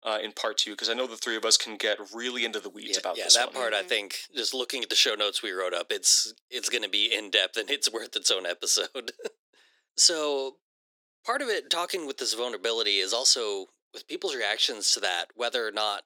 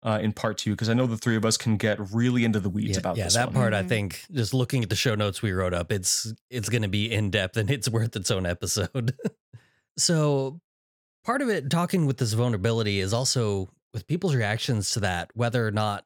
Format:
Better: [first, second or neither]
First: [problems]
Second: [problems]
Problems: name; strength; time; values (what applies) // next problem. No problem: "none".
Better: second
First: thin; very; fading below 300 Hz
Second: none